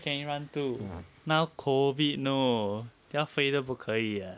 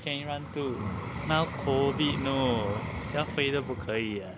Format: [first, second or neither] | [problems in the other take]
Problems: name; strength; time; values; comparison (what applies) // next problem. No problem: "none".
first | background sound (Vehicle); 5 dB below the speech